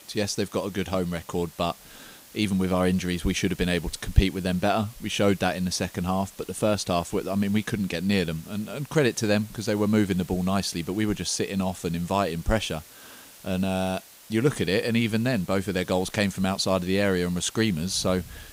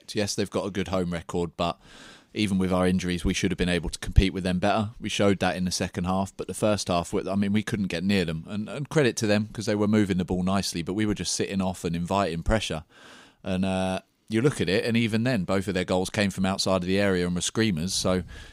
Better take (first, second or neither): second